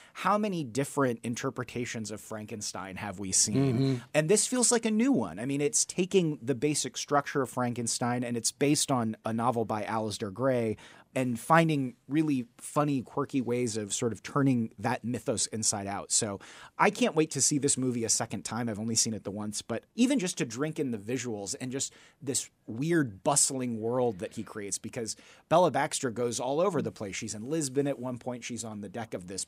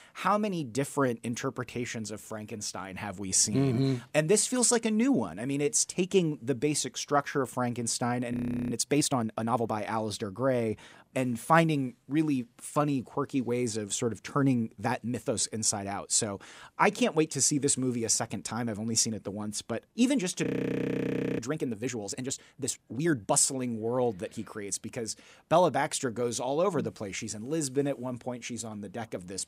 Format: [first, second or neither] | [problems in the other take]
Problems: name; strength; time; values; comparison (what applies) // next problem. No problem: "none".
first | audio freezing; at 8.5 s and at 20 s for 1 s